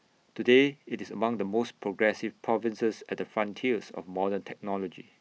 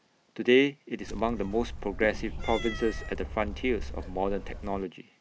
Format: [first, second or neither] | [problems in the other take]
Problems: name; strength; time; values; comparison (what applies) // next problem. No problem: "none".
first | background sound (Cat); 7 dB below the speech